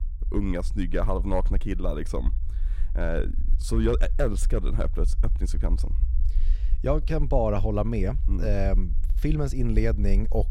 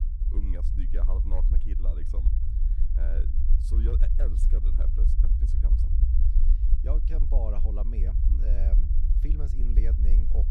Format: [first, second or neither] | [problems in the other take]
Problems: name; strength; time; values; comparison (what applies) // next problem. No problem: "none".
first | low rumble; loud; throughout; 2 dB below the speech; faint in the first